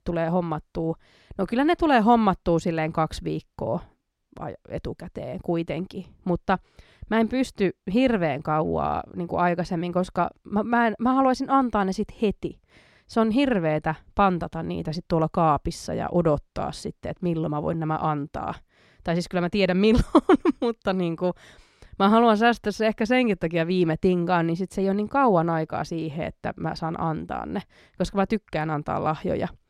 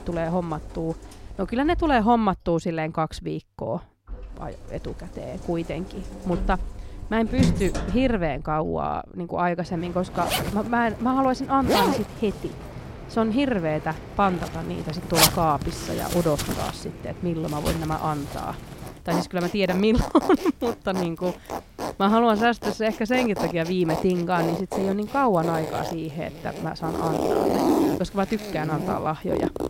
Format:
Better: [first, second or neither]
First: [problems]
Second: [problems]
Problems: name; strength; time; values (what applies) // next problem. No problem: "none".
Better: first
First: none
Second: household noises; loud; throughout; 4 dB below the speech